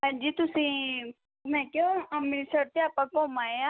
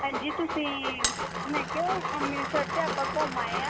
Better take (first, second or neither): first